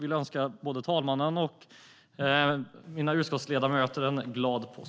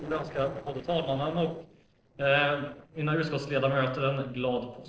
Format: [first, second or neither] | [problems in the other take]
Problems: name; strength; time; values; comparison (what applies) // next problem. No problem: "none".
first | noise reduction (neural separator model SepFormer DNS4)